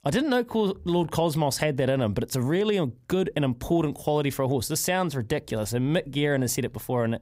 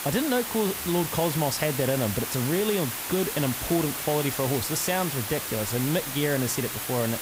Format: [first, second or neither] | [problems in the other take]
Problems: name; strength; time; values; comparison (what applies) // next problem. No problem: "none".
first | hiss; loud; throughout; 3 dB below the speech